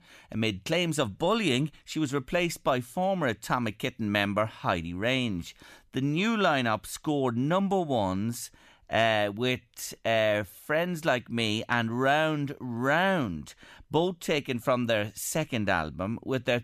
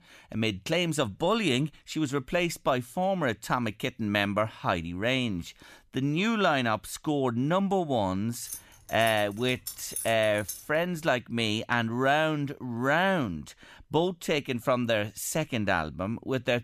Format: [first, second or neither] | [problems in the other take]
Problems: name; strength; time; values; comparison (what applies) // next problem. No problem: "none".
first | jangling keys; noticeable; from 8.5 to 11 s; peak 6 dB below the speech